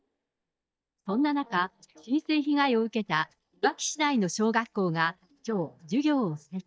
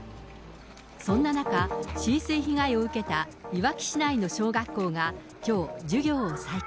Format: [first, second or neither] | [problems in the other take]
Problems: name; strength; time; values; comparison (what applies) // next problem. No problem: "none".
second | noise reduction (neural mask model DeepFilterNet 3)